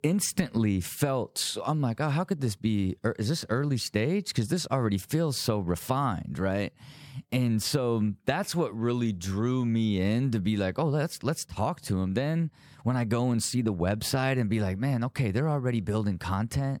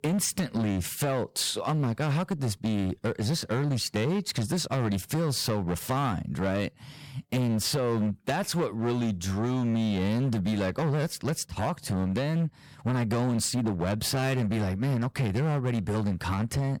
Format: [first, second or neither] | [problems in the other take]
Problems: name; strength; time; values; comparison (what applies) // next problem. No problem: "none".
first | distortion; slight; 17% of the sound clipped